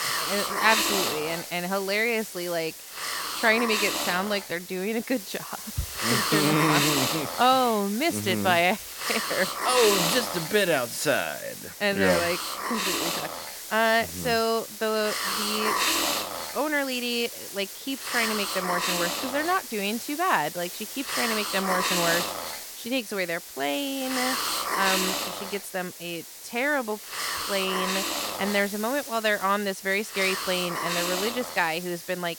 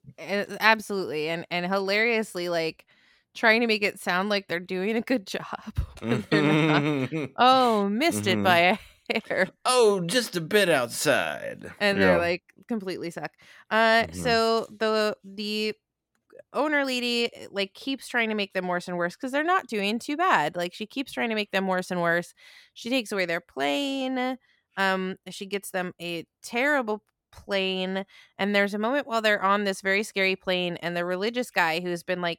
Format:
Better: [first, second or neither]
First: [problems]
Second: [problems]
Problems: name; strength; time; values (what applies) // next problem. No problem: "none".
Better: second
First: hiss; loud; throughout; 2 dB below the speech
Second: none